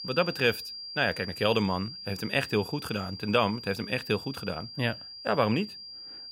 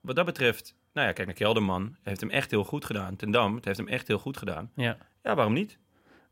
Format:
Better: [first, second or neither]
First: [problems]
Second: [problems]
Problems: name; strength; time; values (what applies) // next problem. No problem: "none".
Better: second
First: high-pitched whine; noticeable; throughout; 4.5 kHz, 10 dB below the speech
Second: none